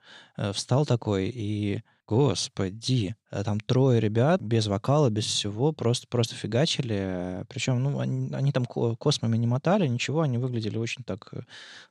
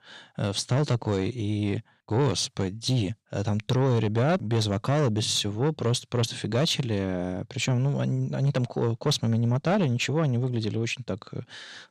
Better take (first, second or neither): first